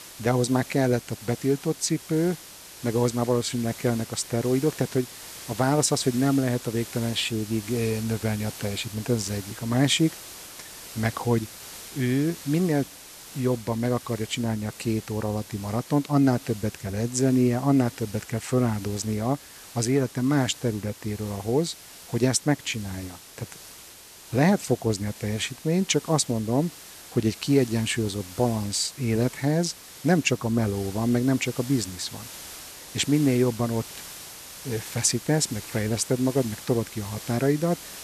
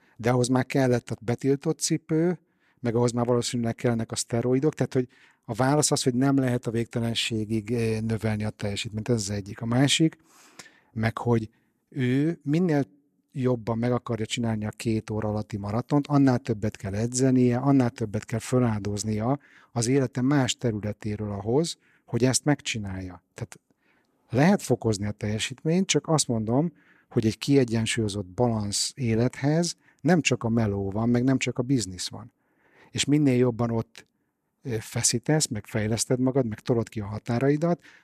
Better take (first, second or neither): second